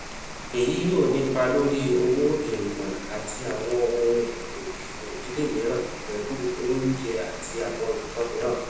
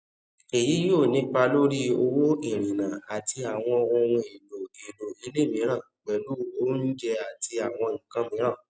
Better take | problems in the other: second | background sound (Rain); 10 dB below the speech // room echo; dies away in 0.9 s

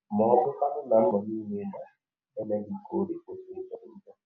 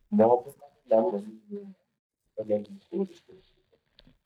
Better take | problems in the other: first | noise reduction (neural mask model DeepFilterNet 3)

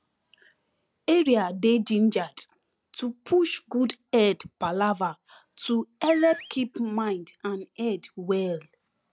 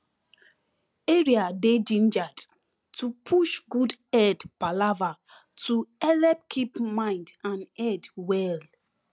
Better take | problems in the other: second | background sound (Animal); 16 dB below the speech

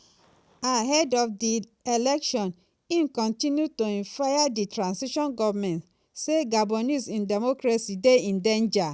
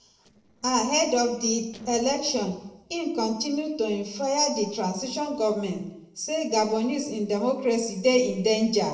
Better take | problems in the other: first | noise reduction (neural separator model SepFormer DNS4)

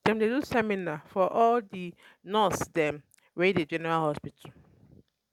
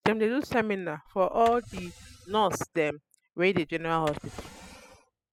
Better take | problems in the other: first | noise reduction (classical method spectral subtraction)

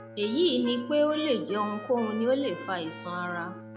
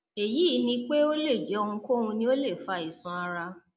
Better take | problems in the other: second | background sound (Trumpet + Bowed string instrument); 15 dB below the speech

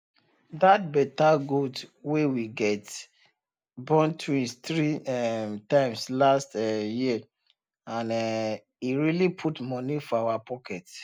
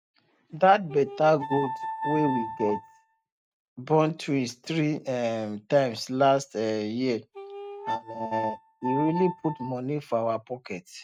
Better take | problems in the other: first | noise reduction (neural mask model RNNoise)

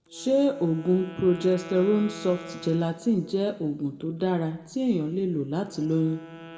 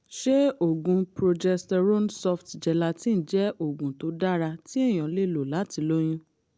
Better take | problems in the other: second | background sound (Wind instrument, woodwind instrument); 18 dB below the speech // room echo; dies away in 1.5 s

